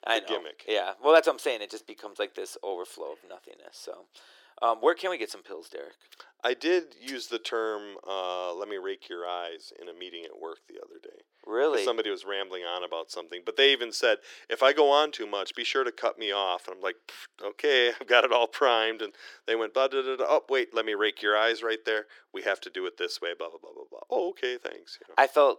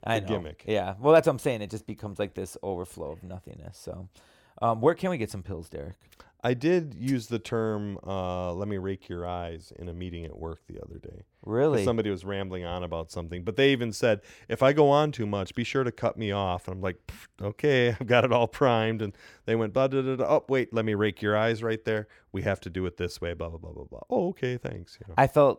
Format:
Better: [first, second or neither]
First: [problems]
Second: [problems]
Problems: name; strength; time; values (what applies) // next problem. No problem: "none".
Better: second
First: thin; very; fading below 350 Hz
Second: none